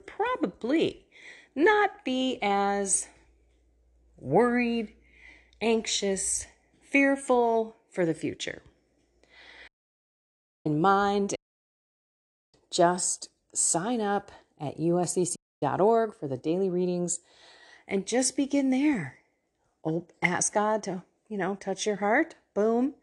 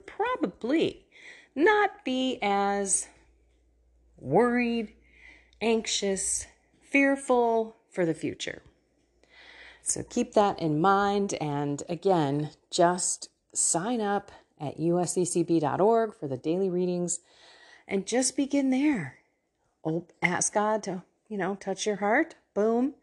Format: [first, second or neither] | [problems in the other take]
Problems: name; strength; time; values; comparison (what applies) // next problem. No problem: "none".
second | audio cutting out; at 9.5 s for 1 s, at 11 s for 1 s and at 15 s